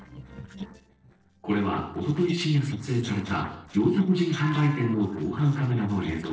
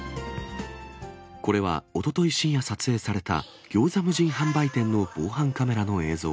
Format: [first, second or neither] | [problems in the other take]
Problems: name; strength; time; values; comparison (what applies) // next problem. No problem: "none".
second | noise reduction (neural separator model SepFormer DNS4)